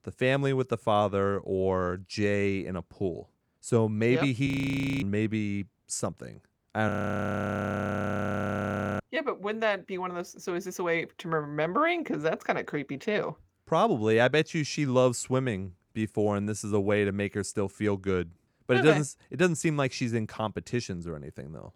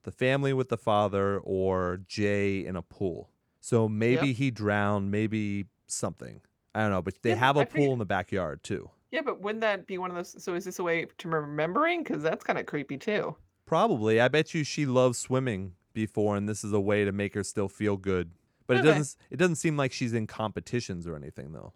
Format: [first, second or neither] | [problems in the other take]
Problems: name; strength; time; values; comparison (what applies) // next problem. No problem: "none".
second | audio freezing; at 4.5 s for 0.5 s and at 7 s for 2 s